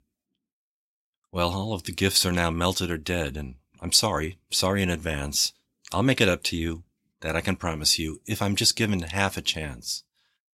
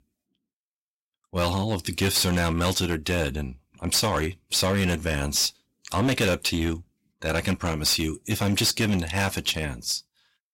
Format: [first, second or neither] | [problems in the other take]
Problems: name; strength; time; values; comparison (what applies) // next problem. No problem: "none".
first | distortion; heavy; 9% of the sound clipped